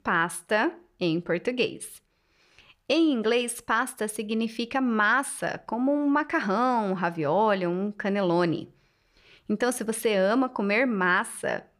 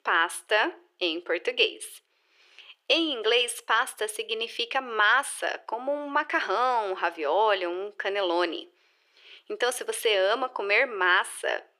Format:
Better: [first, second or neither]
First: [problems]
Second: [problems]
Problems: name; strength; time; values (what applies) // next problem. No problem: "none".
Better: first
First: none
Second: thin; very; fading below 350 Hz